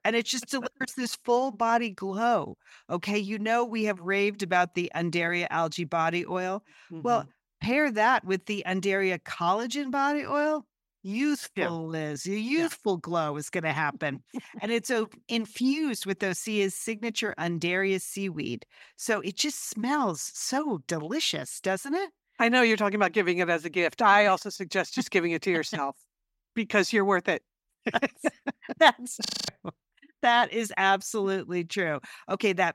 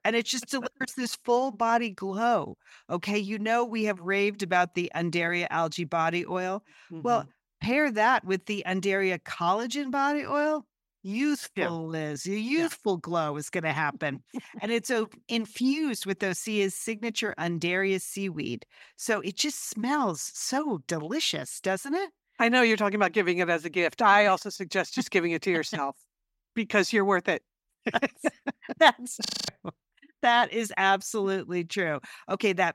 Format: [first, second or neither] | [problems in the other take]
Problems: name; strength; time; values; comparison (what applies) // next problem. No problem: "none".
neither | audio freezing; at 29 s; the same in both